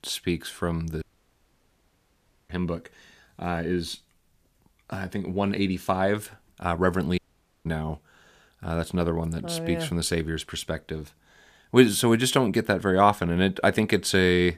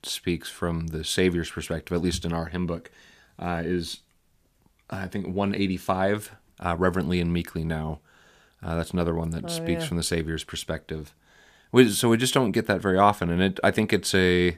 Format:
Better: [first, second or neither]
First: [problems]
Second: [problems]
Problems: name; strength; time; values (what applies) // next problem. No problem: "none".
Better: second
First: audio cutting out; at 1 s for 1.5 s and at 7 s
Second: none